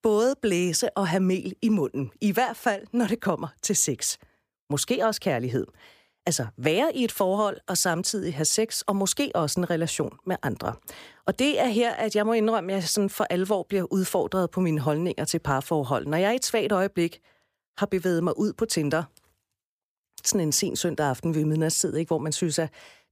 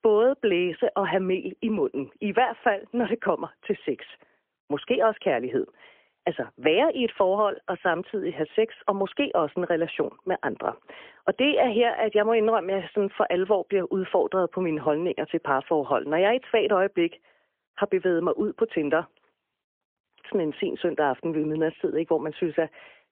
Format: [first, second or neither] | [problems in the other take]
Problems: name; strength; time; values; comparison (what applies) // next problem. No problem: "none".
first | phone-call audio; poor line; nothing above 3 kHz